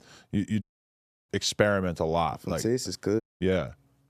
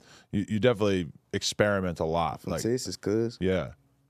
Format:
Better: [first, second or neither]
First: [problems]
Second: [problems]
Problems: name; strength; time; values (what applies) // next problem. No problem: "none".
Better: second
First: audio cutting out; at 0.5 s for 0.5 s and at 3 s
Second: none